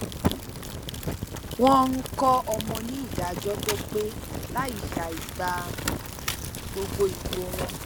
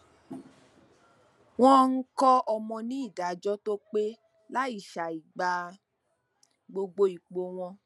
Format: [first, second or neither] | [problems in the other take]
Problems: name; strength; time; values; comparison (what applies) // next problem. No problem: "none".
second | background sound (Fire); 4 dB below the speech